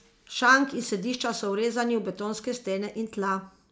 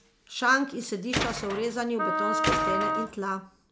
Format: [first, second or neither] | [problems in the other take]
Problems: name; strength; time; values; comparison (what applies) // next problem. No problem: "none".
first | background sound (Wind instrument, woodwind instrument + Tools); 1 dB above the speech